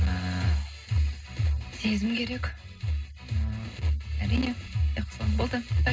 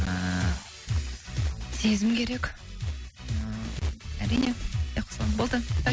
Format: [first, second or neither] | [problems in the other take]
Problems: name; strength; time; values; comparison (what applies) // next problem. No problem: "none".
second | room echo; dies away in 0.2 s